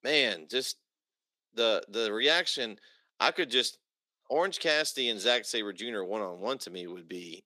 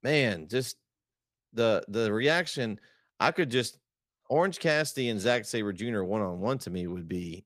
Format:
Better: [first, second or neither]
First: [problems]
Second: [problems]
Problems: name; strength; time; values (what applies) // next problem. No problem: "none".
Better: second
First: thin; somewhat; fading below 300 Hz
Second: none